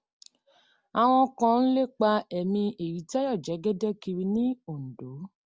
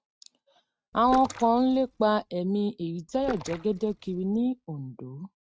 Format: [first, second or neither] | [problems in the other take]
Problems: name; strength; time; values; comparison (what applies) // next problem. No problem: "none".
first | noise reduction (neural mask model RNNoise)